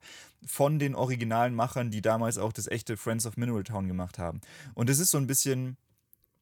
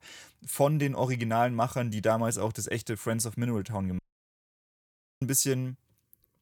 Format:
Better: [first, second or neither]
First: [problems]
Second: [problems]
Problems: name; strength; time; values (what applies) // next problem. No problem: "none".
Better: first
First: none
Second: audio cutting out; at 4 s for 1 s